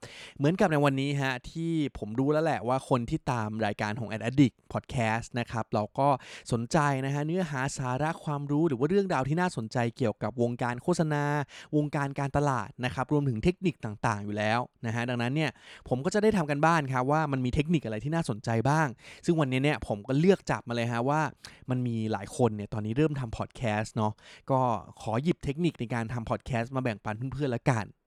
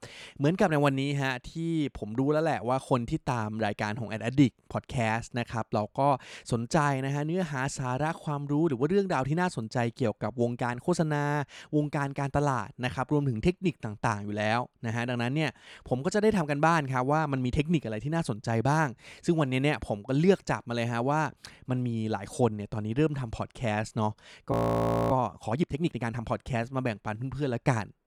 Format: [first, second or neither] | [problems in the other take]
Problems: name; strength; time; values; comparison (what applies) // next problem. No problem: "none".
first | audio freezing; at 25 s for 0.5 s